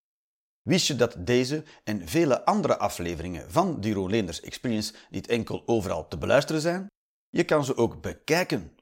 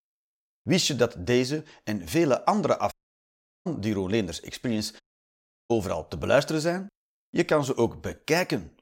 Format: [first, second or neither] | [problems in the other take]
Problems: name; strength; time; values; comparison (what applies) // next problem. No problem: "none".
first | audio cutting out; at 3 s for 0.5 s and at 5 s for 0.5 s